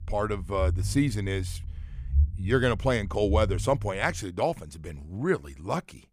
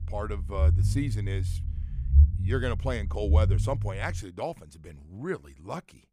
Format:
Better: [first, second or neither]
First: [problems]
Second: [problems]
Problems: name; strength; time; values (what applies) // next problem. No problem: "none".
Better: first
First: low rumble; faint; until 4 s; 20 dB below the speech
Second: low rumble; loud; until 4 s; 9 dB below the speech